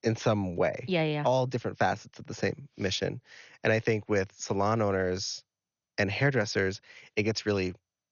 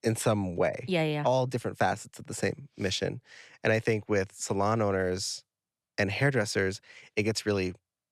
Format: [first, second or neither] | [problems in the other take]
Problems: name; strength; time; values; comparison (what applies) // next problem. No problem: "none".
second | garbled, watery; slightly; nothing above 6.5 kHz